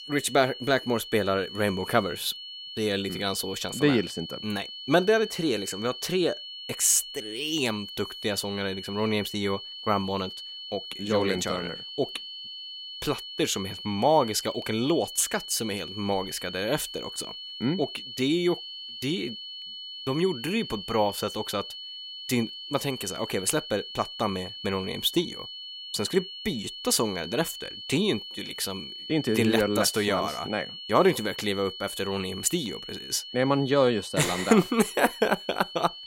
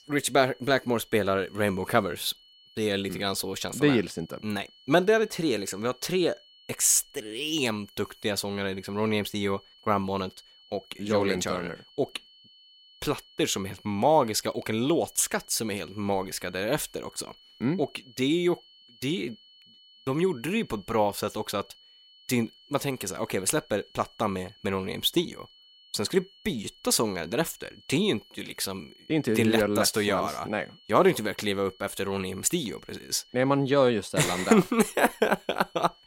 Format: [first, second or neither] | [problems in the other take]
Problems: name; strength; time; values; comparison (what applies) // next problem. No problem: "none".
second | high-pitched whine; loud; throughout; 3 kHz, 10 dB below the speech; faint in the second